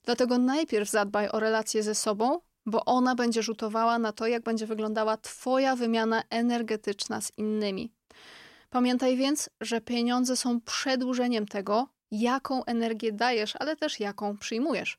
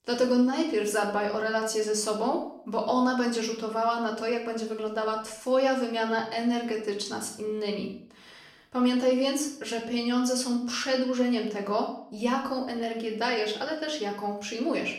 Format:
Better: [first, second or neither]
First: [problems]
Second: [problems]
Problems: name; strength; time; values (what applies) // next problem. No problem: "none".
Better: first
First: none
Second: room echo; slight; dies away in 0.5 s // off-mic speech; somewhat distant